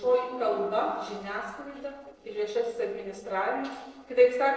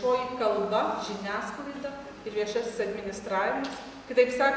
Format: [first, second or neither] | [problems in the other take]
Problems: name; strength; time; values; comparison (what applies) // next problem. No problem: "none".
second | noise reduction (neural separator model SepFormer DNS4)